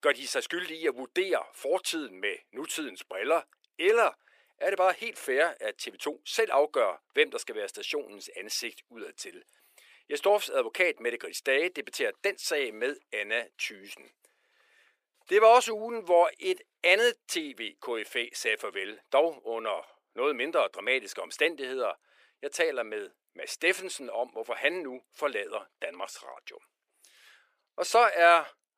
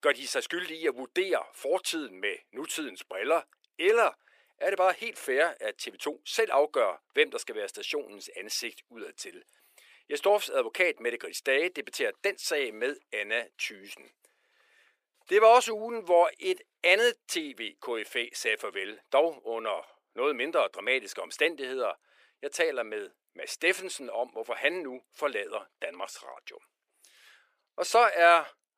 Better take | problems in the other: neither | thin; very; fading below 450 Hz; the same in both

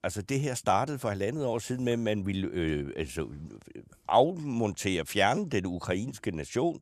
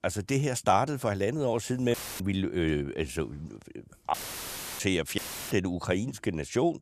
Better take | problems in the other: first | audio cutting out; filled with static; at 2 s, at 4 s for 0.5 s and at 5 s

